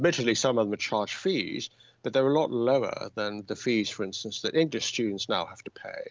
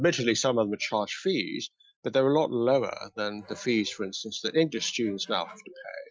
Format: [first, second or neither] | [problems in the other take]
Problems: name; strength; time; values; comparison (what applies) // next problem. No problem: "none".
first | noise reduction (classical method Wiener filter)